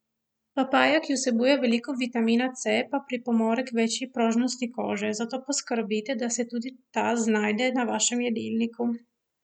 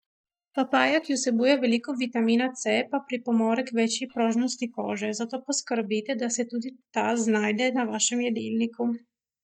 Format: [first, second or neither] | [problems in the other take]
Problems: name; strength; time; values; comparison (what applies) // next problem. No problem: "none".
first | noise reduction (neural mask model DeepFilterNet 3)